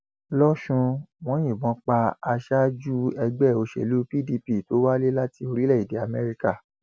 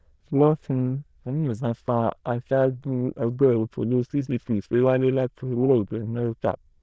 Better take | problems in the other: first | noise reduction (neural diffusion model UNIVERSE++)

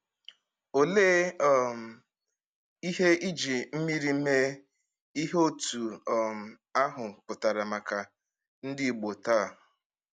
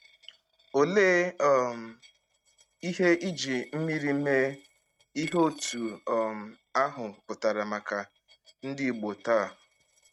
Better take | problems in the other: first | noise reduction (neural mask model RNNoise)

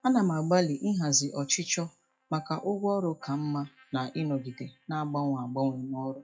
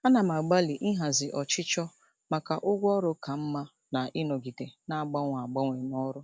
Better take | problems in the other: second | noise reduction (classical method WPE with log-MMSE)

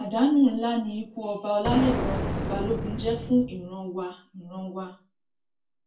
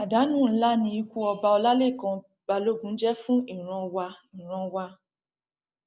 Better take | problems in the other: second | background sound (Explosion); 2 dB below the speech // room echo; dies away in 0.2 s

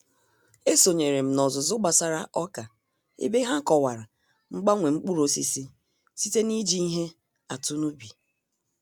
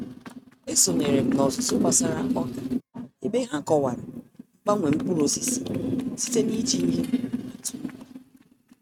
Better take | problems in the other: first | noise reduction (neural mask model RNNoise)

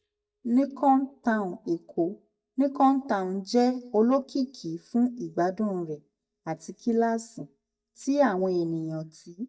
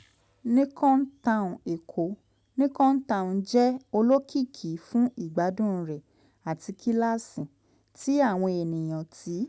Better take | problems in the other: second | noise reduction (neural mask model DeepFilterNet 3)

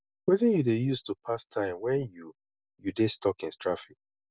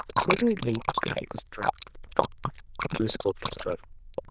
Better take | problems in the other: first | noise reduction (neural diffusion model UNIVERSE++)

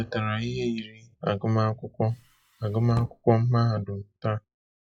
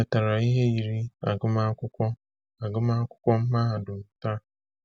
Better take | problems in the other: second | noise reduction (classical method log-MMSE)

